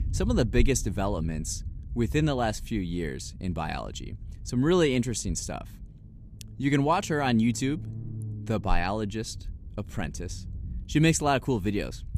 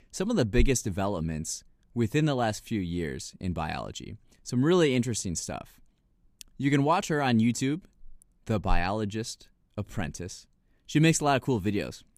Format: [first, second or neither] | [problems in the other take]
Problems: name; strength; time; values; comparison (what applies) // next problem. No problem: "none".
second | low rumble; faint; throughout; 25 dB below the speech